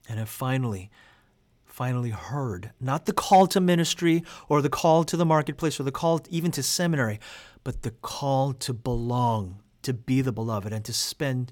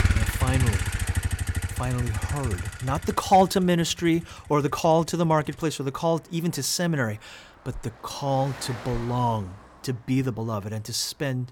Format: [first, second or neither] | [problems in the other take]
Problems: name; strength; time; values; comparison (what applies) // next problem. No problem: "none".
first | traffic noise; loud; throughout; 4 dB below the speech